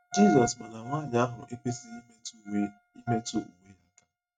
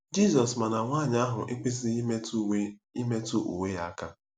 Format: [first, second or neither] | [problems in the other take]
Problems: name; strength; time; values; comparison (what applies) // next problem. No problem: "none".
second | noise reduction (neural mask model RNNoise)